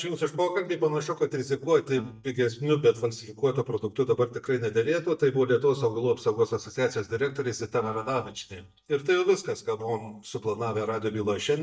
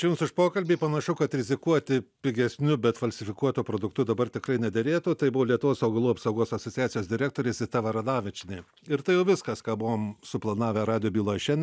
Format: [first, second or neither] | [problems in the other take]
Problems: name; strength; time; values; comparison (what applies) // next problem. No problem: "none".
second | noise reduction (neural mask model DeepFilterNet 3)